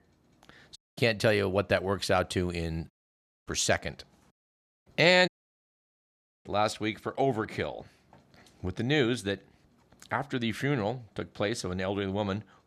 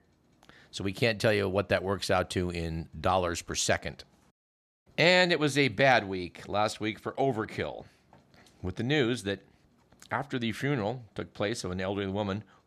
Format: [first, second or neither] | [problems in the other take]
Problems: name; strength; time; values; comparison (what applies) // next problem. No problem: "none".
second | audio cutting out; at 1 s, at 3 s for 0.5 s and at 5.5 s for 1 s